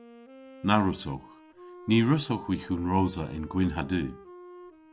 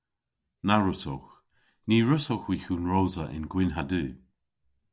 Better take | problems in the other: second | background sound (Wind instrument, woodwind instrument); 20 dB below the speech

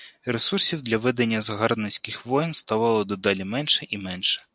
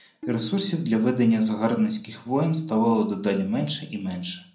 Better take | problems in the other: first | background sound (Tabla); 18 dB below the speech // room echo; dies away in 0.6 s

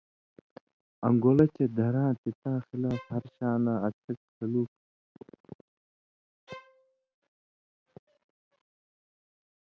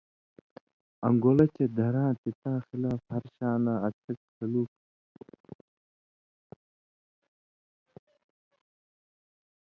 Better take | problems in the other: second | background sound (Bowed string instrument); 20 dB below the speech

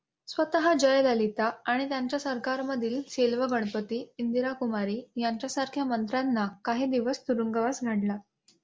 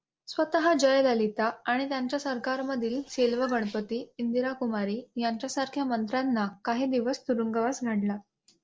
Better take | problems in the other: first | noise reduction (neural separator model SepFormer DNS4)

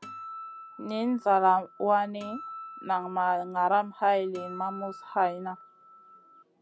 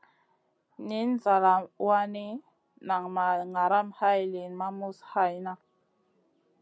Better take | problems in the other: second | background sound (Acoustic guitar); 16 dB below the speech

